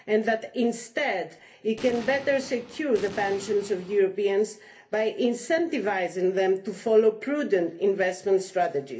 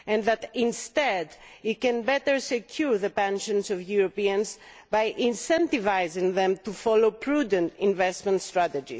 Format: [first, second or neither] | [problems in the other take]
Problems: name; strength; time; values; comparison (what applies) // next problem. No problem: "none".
second | background sound (Explosion); 17 dB below the speech // room echo; dies away in 0.3 s